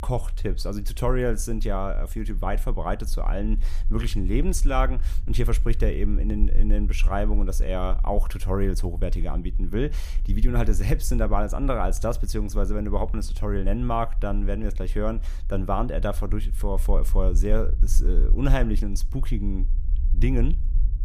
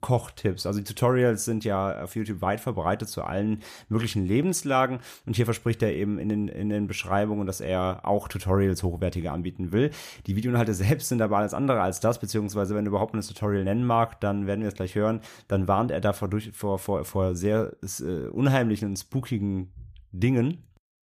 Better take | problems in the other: second | low rumble; faint; throughout; 20 dB below the speech

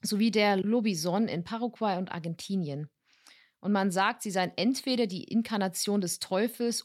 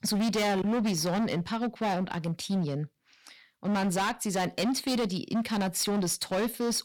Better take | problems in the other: first | distortion; heavy; 22% of the sound clipped

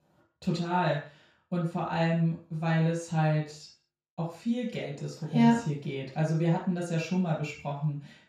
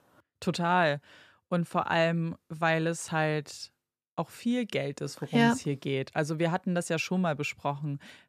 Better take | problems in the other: second | room echo; noticeable; dies away in 0.3 s // off-mic speech; far

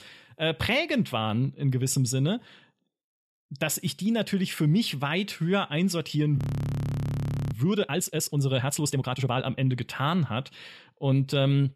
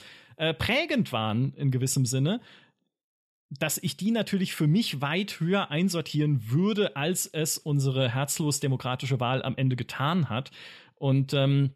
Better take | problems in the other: second | audio freezing; at 6.5 s for 1 s

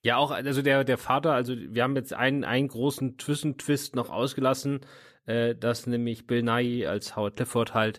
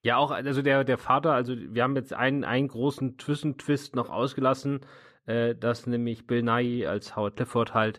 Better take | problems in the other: first | muffled; very slightly; fading above 3 kHz

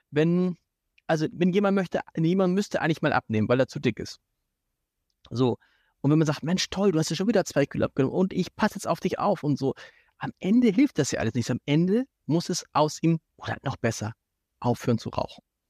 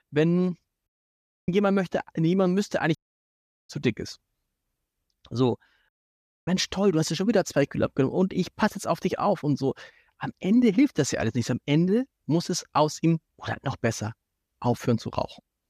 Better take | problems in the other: first | audio cutting out; at 1 s for 0.5 s, at 3 s for 0.5 s and at 6 s for 0.5 s

